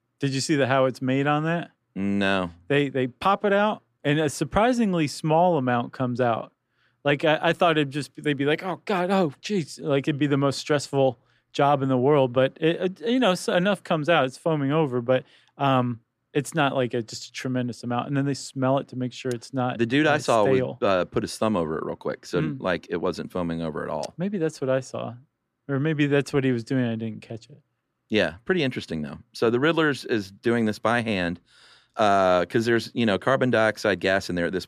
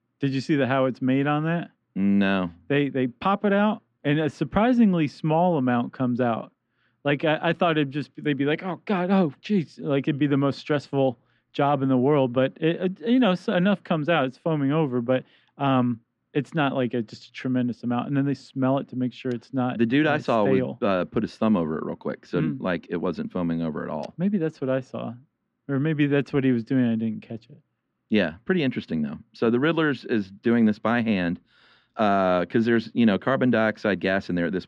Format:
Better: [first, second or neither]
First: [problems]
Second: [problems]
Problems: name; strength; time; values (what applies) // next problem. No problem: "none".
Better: first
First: none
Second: muffled; slightly; fading above 3 kHz